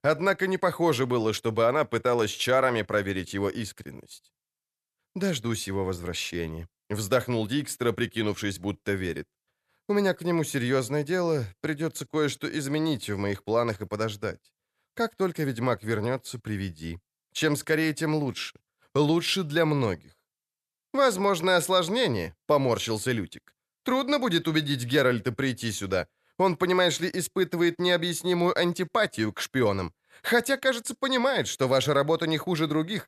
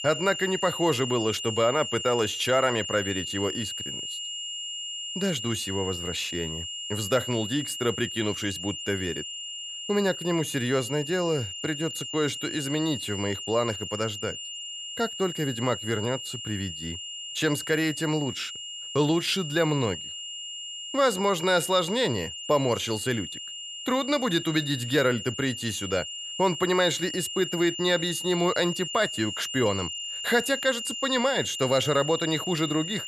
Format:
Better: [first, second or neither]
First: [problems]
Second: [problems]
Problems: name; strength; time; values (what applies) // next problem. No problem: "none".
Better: first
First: none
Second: high-pitched whine; loud; throughout; 3 kHz, 6 dB below the speech